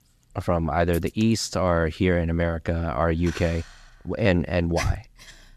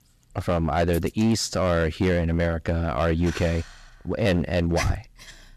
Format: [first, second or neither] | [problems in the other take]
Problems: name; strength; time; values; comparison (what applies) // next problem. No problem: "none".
first | distortion; slight; 6% of the sound clipped